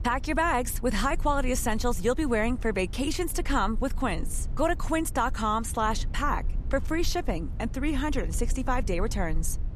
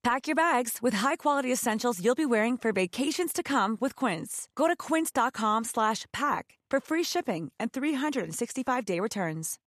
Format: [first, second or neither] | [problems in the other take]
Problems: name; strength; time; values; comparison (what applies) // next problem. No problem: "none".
second | low rumble; faint; throughout; 25 dB below the speech